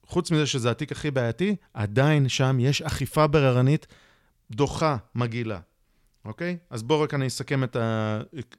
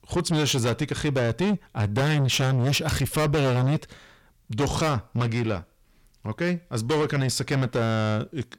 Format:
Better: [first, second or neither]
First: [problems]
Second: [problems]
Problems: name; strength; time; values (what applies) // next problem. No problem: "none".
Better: first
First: none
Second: distortion; heavy; 5 dB below the speech